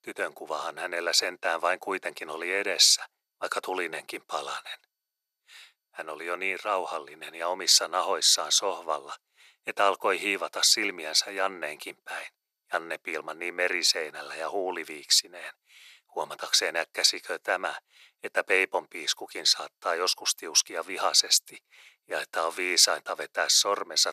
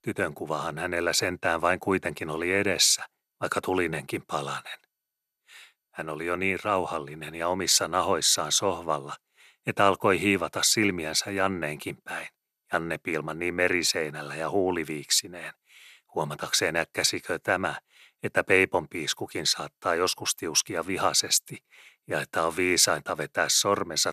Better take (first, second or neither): second